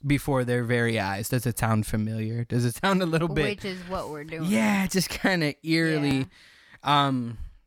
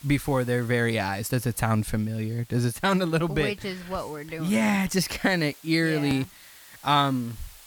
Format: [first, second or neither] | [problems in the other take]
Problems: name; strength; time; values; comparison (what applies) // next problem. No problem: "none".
first | hiss; faint; throughout; 25 dB below the speech